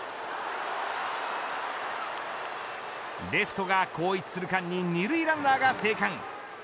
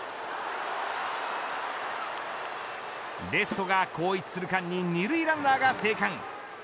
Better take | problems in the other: first | background sound (Snare drum); 16 dB below the speech

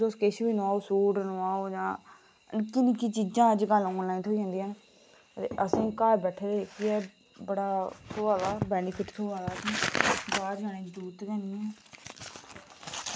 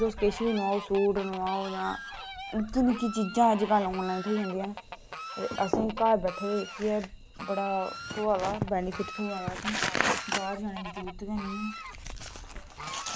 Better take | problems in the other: first | background sound (Fowl); 11 dB below the speech

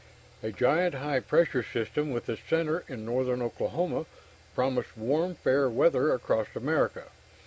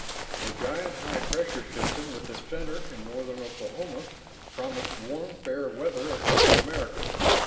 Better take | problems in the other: first | background sound (Zipper (clothing)); 5 dB above the speech // room echo; dies away in 1.3 s

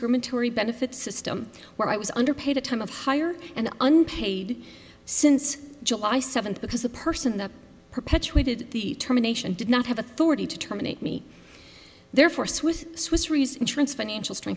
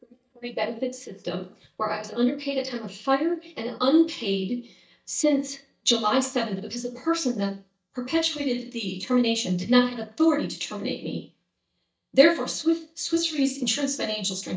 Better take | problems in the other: first | noise reduction (neural mask model DeepFilterNet 3)

